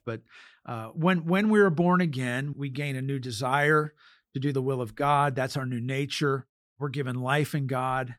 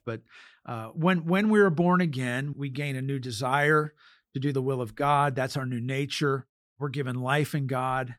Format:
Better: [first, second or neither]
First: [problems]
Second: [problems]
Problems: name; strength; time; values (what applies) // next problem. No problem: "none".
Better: neither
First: none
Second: none